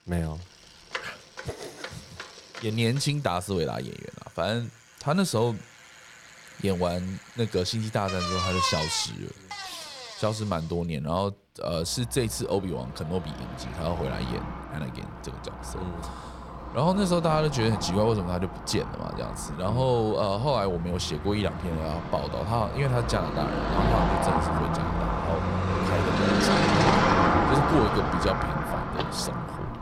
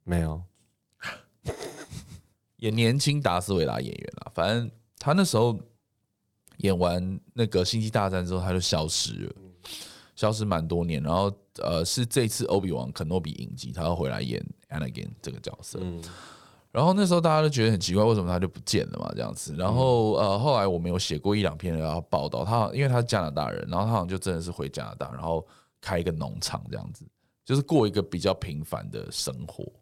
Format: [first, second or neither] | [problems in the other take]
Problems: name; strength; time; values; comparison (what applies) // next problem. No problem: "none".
second | traffic noise; very loud; throughout; as loud as the speech